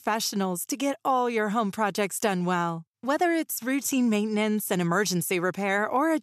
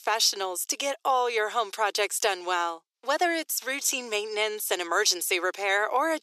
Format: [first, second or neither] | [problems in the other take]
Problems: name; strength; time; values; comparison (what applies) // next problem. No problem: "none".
first | thin; very; fading below 350 Hz